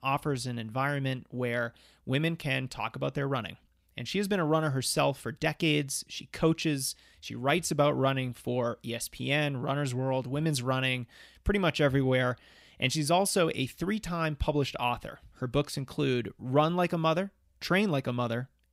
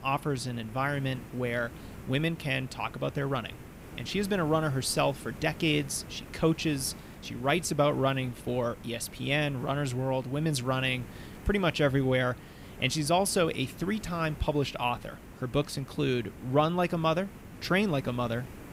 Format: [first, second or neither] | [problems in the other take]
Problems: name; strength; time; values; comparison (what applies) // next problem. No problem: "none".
first | hiss; noticeable; throughout; 15 dB below the speech